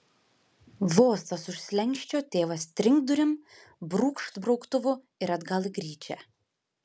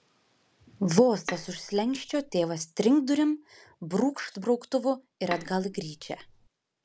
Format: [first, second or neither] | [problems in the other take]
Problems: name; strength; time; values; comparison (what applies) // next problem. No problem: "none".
first | background sound (Bowed string instrument); 14 dB below the speech